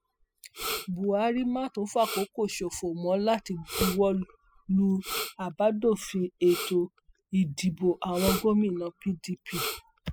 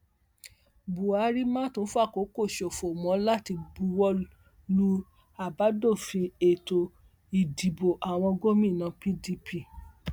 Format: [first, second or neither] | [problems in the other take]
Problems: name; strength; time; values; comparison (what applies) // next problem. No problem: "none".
second | noise reduction (classical method spectral subtraction)